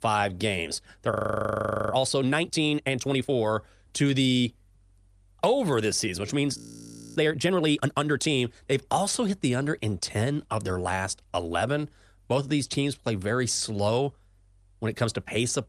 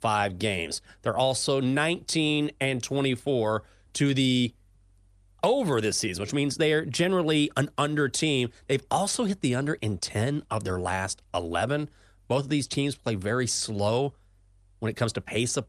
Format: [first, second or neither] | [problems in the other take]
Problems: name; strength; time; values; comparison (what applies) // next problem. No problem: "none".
second | audio freezing; at 1 s for 1 s and at 6.5 s for 0.5 s